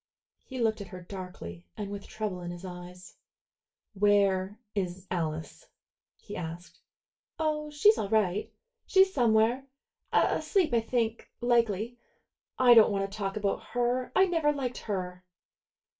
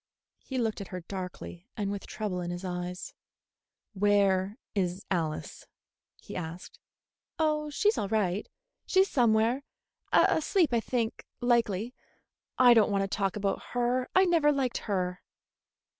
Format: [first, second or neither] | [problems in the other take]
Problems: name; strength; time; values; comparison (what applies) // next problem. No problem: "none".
second | room echo; dies away in 0.2 s